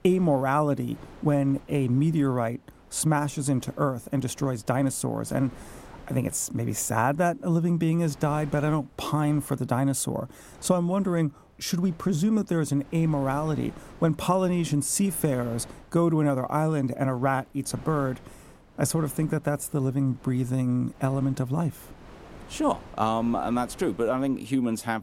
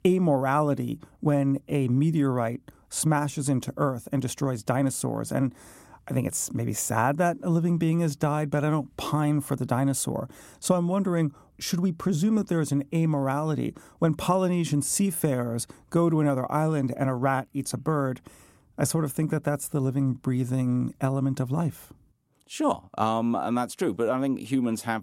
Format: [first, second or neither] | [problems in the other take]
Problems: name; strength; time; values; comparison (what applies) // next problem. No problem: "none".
second | wind noise on the microphone; occasional gusts; 20 dB below the speech